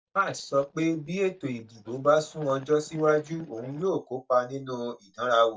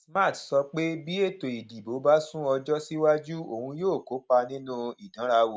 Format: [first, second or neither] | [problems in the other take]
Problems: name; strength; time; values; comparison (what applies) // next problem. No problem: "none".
second | noise reduction (neural mask model DeepFilterNet 3)